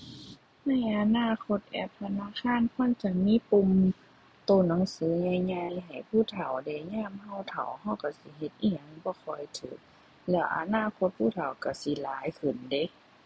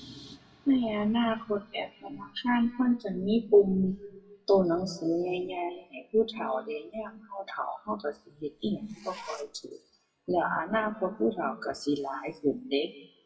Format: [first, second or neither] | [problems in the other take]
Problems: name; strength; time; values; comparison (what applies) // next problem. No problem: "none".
first | noise reduction (classical method WPE with log-MMSE)